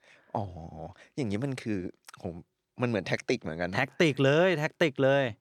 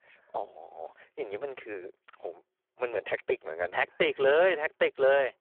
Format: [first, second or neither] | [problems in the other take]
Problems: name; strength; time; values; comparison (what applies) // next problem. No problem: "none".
first | phone-call audio; poor line